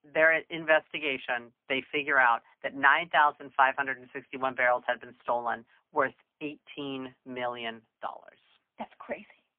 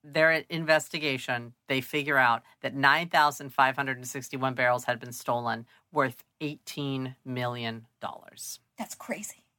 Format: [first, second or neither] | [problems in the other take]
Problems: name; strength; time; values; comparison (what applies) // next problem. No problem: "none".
second | phone-call audio; poor line; nothing above 3 kHz